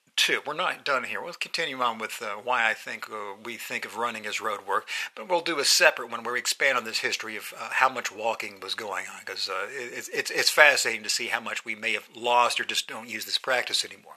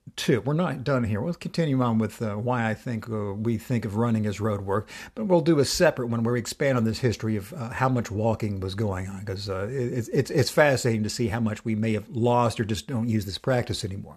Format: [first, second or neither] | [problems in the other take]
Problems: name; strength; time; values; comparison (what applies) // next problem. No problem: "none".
second | thin; very; fading below 900 Hz